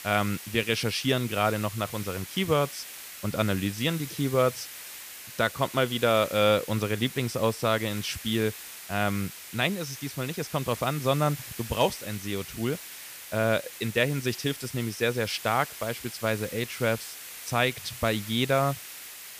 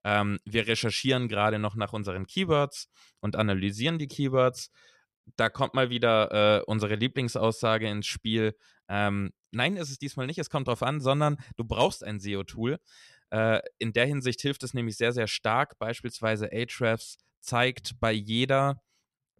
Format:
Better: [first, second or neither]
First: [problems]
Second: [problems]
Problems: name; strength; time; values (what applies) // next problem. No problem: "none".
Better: second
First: hiss; noticeable; throughout; 10 dB below the speech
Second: none